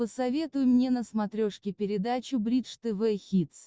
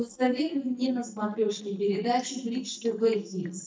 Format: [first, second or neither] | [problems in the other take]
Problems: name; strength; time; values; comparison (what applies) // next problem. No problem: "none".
first | noise reduction (neural mask model DeepFilterNet 3)